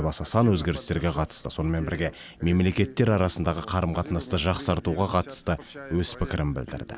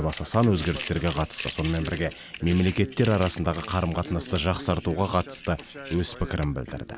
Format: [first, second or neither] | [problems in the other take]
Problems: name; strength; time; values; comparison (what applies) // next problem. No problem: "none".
first | background sound (Crumpling, crinkling); 16 dB below the speech